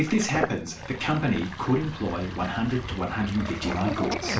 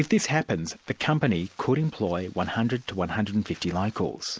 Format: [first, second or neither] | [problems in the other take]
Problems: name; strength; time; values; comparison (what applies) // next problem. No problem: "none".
second | background sound (Sink (filling or washing)); 6 dB below the speech // room echo; dies away in 0.3 s